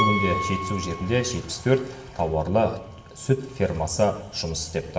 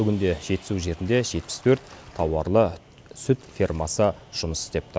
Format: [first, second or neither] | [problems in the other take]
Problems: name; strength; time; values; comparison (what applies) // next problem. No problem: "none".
second | background sound (Piano); 8 dB below the speech // room echo; dies away in 0.8 s